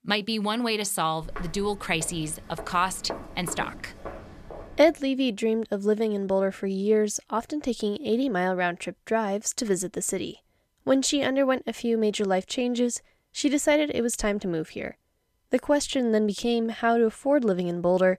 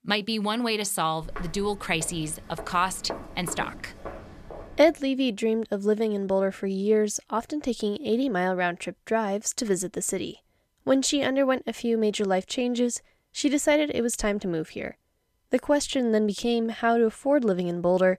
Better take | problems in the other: neither | footsteps; faint; from 1 to 5 s; peak 10 dB below the speech; the same in both

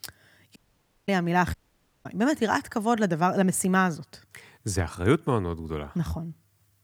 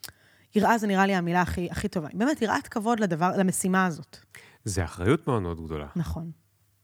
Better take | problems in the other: second | audio cutting out; at 0.5 s for 0.5 s and at 1.5 s for 0.5 s

